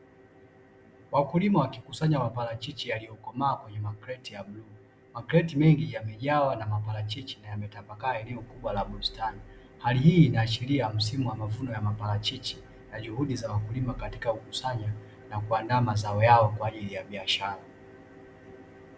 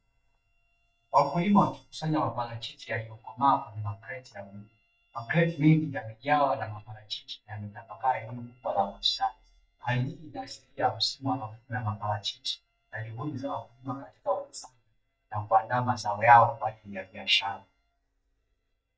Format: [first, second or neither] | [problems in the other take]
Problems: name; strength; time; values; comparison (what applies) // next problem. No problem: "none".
first | noise reduction (neural mask model DeepFilterNet 3)